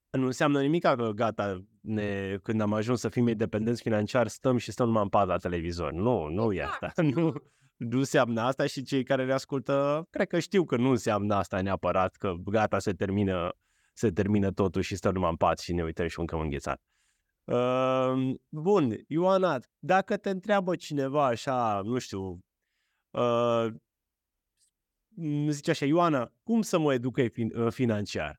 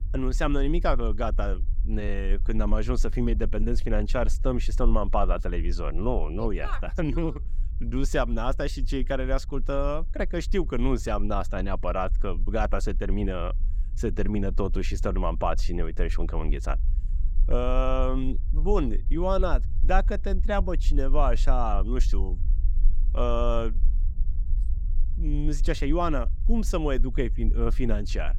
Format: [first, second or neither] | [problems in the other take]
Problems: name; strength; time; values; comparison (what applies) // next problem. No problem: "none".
first | low rumble; faint; throughout; 25 dB below the speech